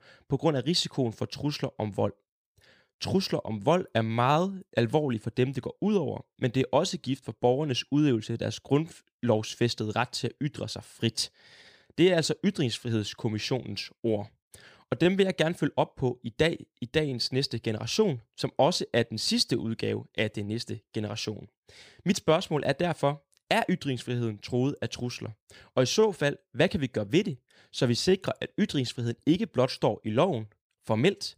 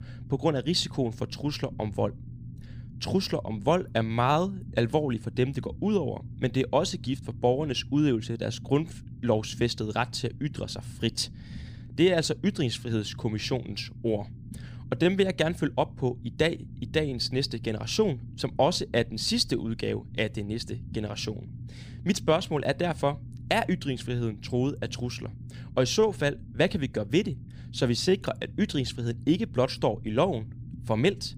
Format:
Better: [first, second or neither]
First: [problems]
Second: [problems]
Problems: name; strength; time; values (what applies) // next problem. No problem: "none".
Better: first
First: none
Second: low rumble; faint; throughout; 25 dB below the speech